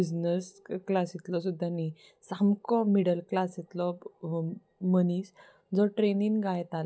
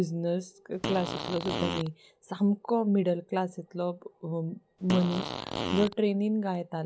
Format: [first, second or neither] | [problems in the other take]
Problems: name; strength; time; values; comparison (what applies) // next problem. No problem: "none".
first | background sound (Fart); 5 dB below the speech